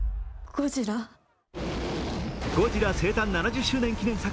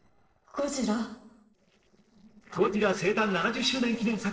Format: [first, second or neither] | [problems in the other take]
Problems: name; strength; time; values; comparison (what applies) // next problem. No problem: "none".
first | noise reduction (neural separator model SepFormer DNS4)